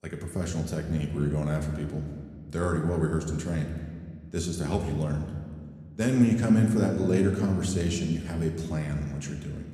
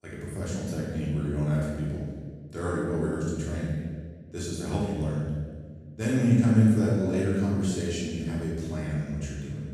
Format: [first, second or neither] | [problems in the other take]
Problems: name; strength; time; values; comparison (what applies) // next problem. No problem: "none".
first | room echo; strong; dies away in 1.4 s; slight in the first // off-mic speech; far